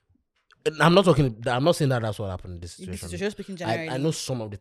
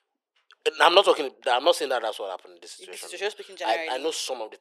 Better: first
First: none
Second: thin; very; fading below 400 Hz

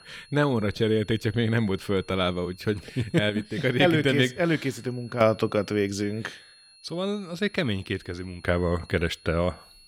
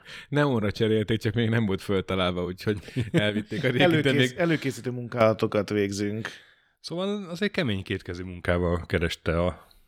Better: second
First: high-pitched whine; faint; throughout; 4.5 kHz, 25 dB below the speech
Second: none

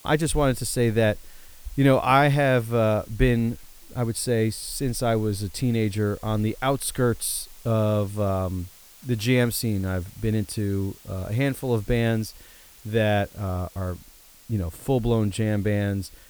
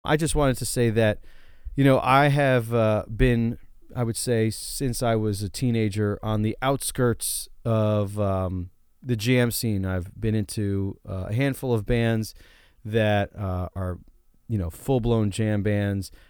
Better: second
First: hiss; faint; throughout; 25 dB below the speech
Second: none

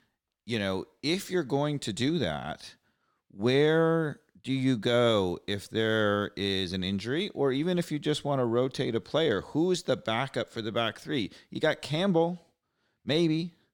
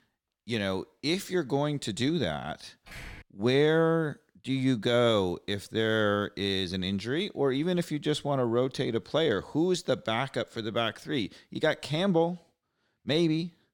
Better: first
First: none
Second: door banging; faint; at 3 s; peak 15 dB below the speech

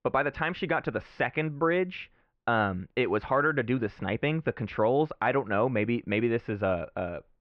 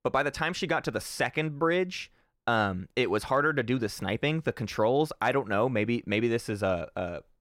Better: second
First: muffled; very; fading above 3 kHz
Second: none

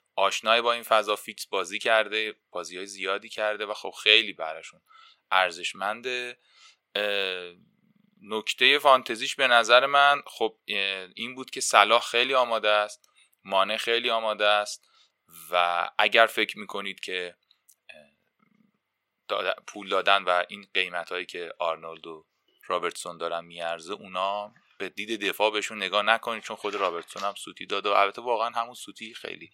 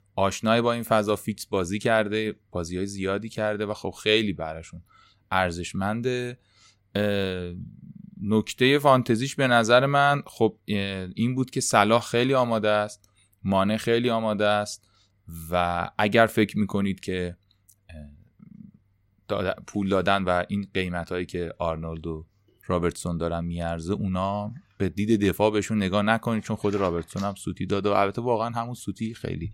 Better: second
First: thin; very; fading below 600 Hz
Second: none

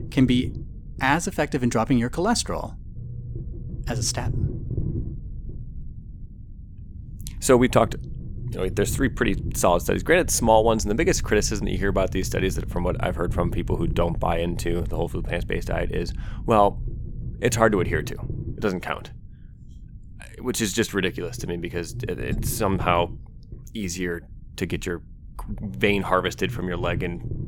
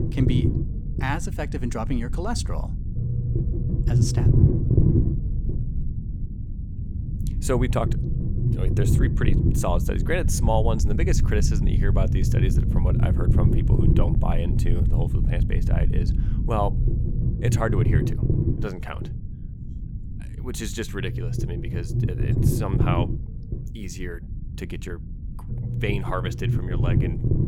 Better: first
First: low rumble; faint; throughout; 20 dB below the speech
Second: low rumble; loud; throughout; 4 dB below the speech

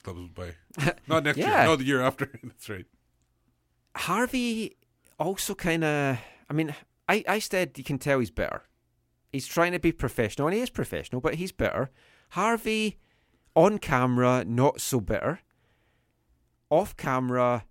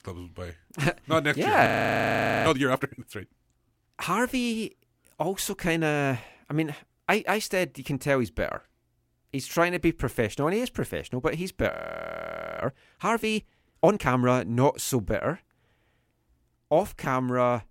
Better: first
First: none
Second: audio freezing; at 1.5 s for 1 s and at 12 s for 1 s

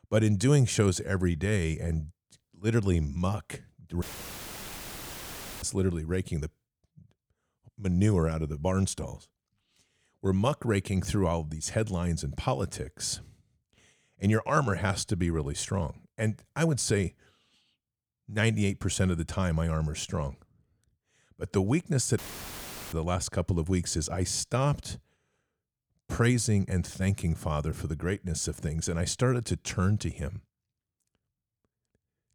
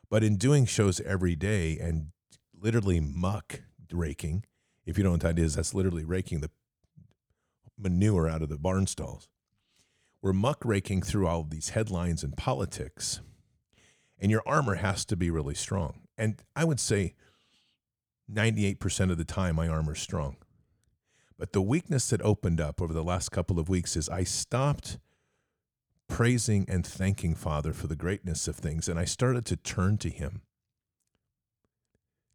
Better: second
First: audio cutting out; filled with static; at 4 s for 1.5 s and at 22 s for 1 s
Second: none

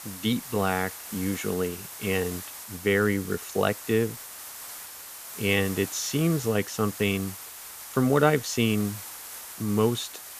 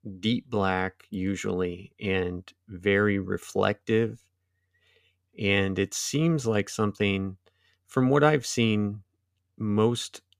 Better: second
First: hiss; noticeable; throughout; 10 dB below the speech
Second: none

